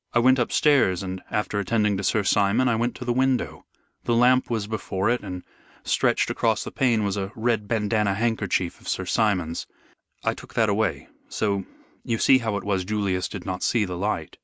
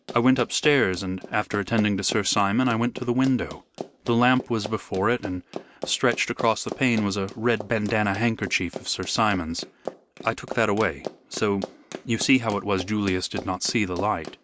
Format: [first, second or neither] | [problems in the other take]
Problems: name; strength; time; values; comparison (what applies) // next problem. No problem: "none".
first | background sound (Run); 15 dB below the speech